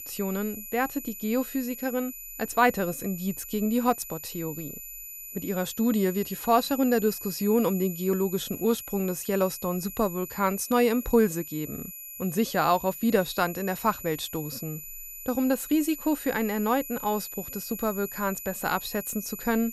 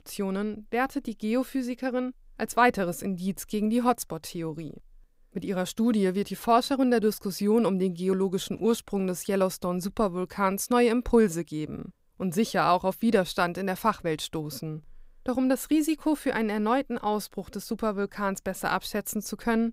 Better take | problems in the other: second | high-pitched whine; noticeable; throughout; 12 kHz, 10 dB below the speech

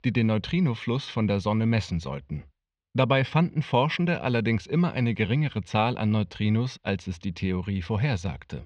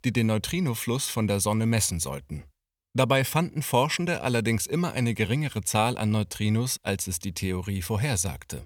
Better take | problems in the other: second | muffled; slightly; fading above 4 kHz

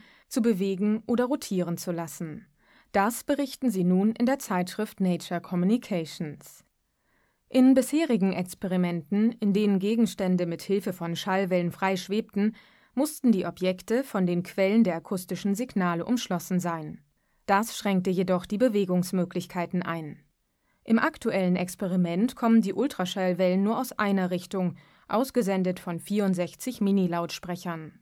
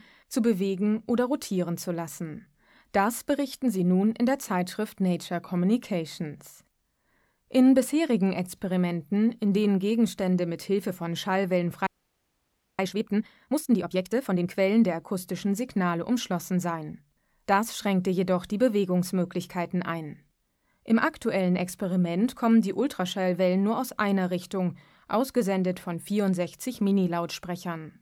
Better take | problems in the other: first | audio freezing; at 12 s for 1 s

